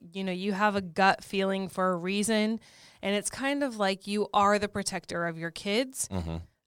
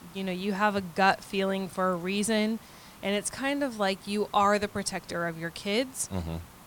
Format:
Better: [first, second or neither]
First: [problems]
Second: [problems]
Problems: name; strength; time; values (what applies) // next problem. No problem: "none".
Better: first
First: none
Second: hiss; faint; throughout; 20 dB below the speech